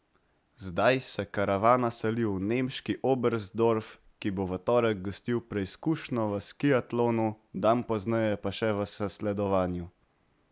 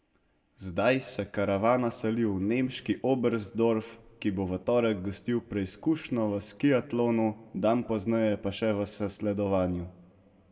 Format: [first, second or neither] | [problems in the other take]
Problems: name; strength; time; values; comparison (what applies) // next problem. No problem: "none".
first | room echo; dies away in 1 s